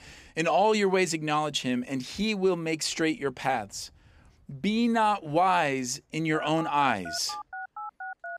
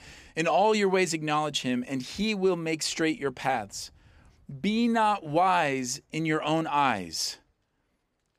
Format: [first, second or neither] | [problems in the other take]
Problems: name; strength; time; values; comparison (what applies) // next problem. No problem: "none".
second | phone ringing; faint; from 6.5 s on; peak 10 dB below the speech